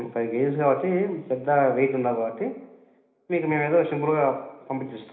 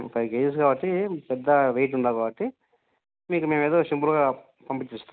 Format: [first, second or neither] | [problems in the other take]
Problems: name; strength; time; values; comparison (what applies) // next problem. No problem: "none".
second | room echo; dies away in 1 s